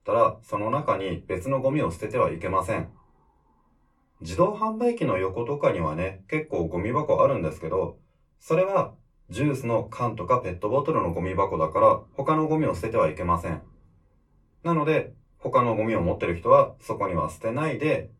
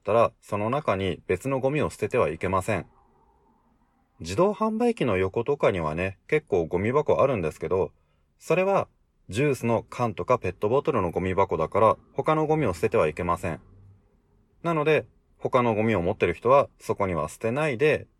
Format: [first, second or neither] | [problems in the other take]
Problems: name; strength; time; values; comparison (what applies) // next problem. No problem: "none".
second | off-mic speech; somewhat distant // room echo; very slight; dies away in 0.2 s